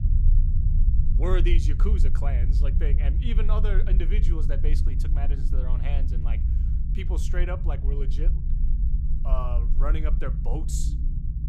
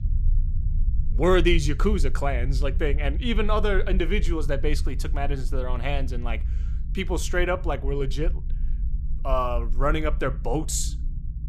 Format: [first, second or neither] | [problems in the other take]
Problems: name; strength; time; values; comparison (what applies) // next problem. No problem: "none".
second | low rumble; loud; throughout; 7 dB below the speech; faint in the second